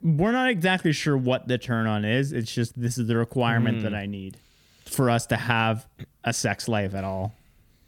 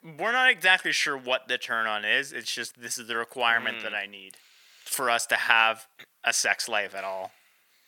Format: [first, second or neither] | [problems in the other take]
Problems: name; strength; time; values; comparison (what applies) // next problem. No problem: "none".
first | thin; very; fading below 850 Hz